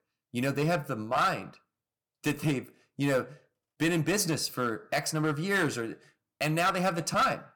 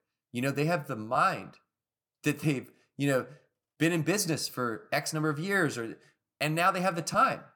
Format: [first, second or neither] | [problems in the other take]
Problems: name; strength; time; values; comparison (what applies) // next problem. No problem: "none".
second | distortion; slight; 5% of the sound clipped